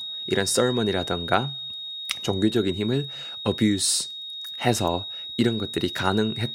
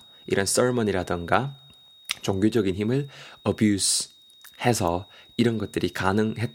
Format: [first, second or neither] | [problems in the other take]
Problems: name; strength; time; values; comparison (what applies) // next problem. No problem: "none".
second | high-pitched whine; loud; throughout; 3.5 kHz, 7 dB below the speech; faint in the second